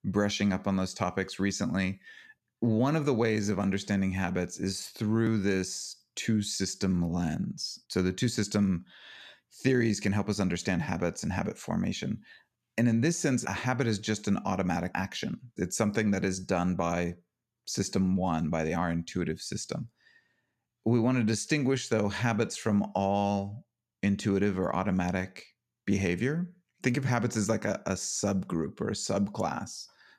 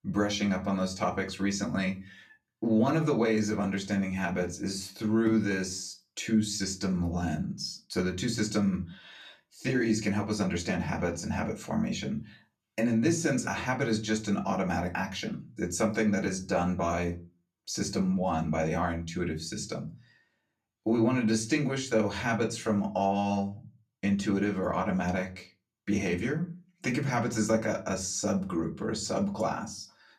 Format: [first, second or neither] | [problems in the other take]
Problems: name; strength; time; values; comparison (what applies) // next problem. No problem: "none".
first | off-mic speech; far // room echo; very slight; dies away in 0.2 s